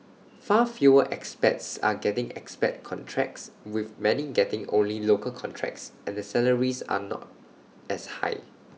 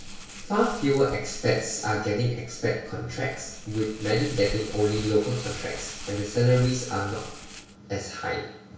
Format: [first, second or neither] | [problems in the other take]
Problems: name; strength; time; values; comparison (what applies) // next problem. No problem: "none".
first | background sound (Crumpling, crinkling); 13 dB below the speech // room echo; dies away in 0.6 s